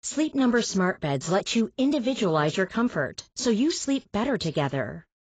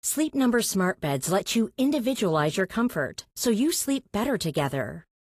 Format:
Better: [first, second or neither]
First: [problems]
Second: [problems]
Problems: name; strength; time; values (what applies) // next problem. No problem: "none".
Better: second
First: garbled, watery; badly; nothing above 7.5 kHz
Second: garbled, watery; slightly; nothing above 14.5 kHz